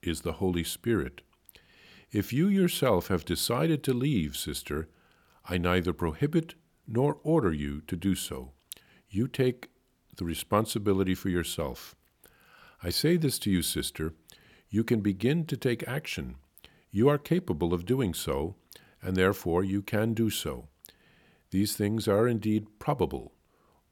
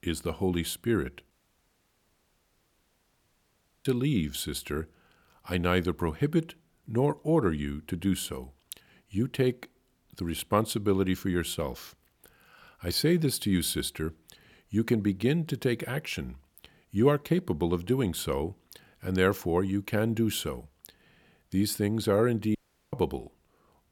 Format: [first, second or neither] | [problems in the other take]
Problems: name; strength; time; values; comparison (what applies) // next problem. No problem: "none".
first | audio cutting out; at 1.5 s for 2.5 s and at 23 s